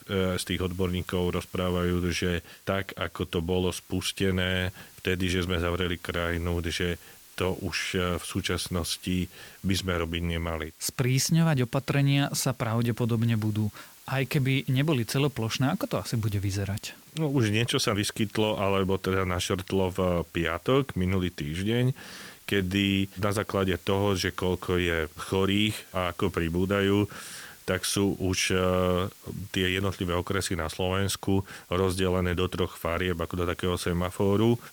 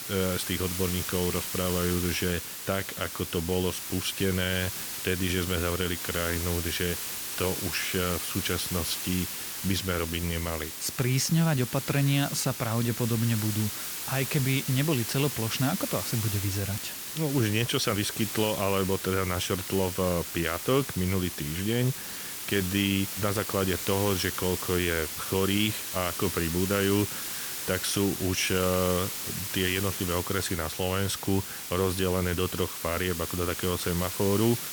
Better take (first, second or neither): first